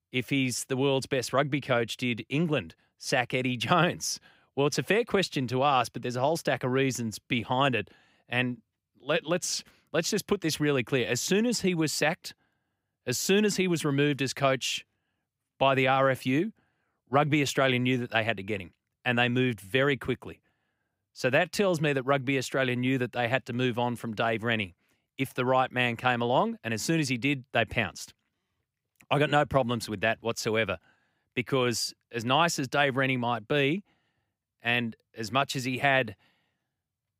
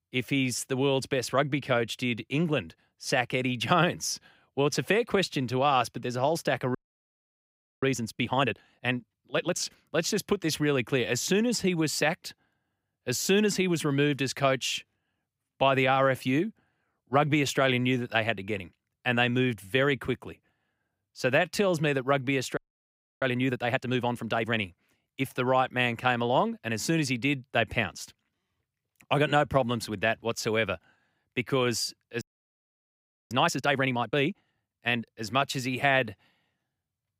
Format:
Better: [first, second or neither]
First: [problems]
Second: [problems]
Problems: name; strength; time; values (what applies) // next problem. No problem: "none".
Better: first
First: none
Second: audio freezing; at 7 s for 1 s, at 23 s for 0.5 s and at 32 s for 1 s